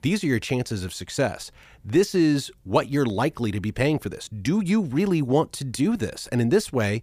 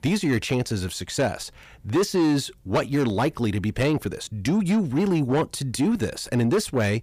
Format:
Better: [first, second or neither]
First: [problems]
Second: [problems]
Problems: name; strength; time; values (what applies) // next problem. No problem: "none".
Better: first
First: none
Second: distortion; slight; 10 dB below the speech